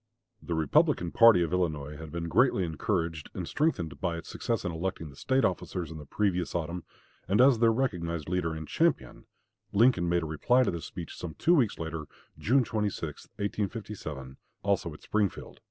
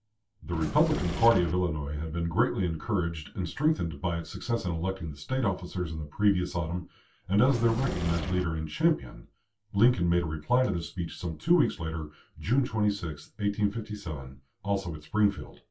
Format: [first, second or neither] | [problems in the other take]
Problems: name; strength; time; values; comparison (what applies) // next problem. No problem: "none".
first | background sound (Engine / Mechanisms); 6 dB below the speech // room echo; dies away in 0.2 s